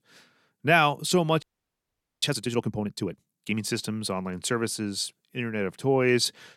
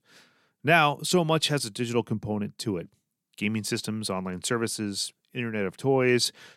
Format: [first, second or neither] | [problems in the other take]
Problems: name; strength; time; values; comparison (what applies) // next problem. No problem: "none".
second | audio freezing; at 1.5 s for 1 s